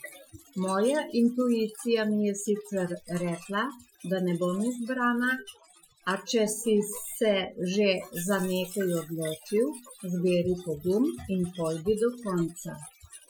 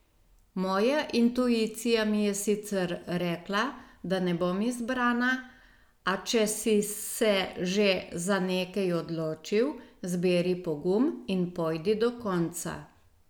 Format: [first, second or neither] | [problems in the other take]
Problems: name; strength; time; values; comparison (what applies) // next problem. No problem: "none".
second | noise reduction (classical method Wiener filter)